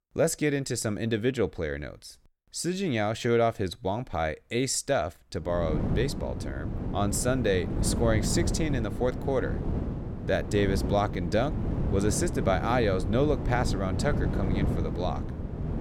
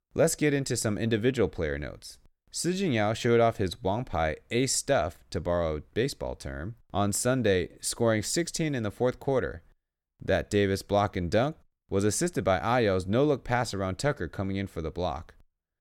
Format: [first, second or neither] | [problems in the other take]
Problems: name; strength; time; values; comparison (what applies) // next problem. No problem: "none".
second | wind noise on the microphone; heavy; from 5.5 s on; 9 dB below the speech